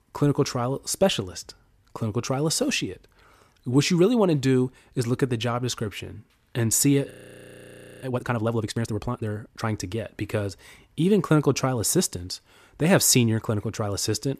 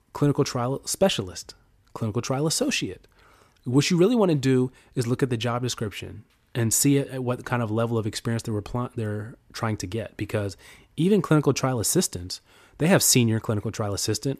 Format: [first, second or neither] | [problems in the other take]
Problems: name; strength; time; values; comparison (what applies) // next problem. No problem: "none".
second | audio freezing; at 7 s for 1 s